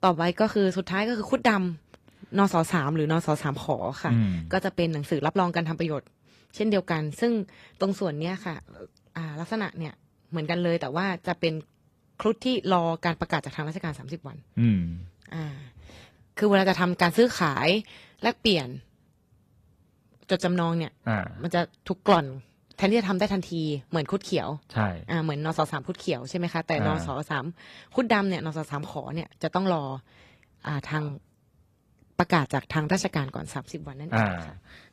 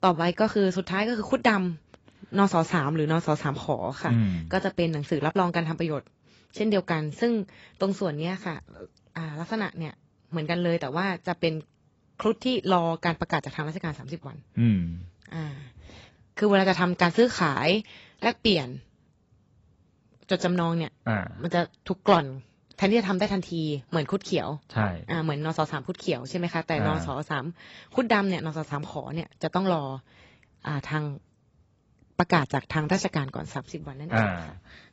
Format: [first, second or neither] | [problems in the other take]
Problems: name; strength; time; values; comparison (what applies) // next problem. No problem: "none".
first | garbled, watery; badly; nothing above 7.5 kHz; slightly in the first